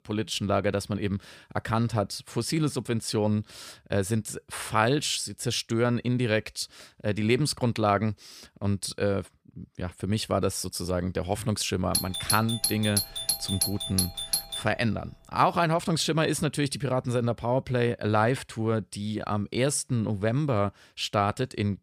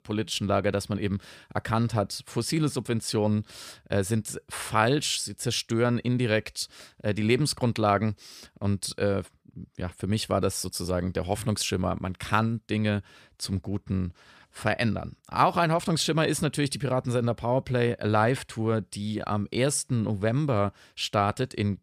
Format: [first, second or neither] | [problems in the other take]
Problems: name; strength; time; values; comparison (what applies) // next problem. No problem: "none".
second | doorbell; loud; from 12 to 15 s; peak 2 dB above the speech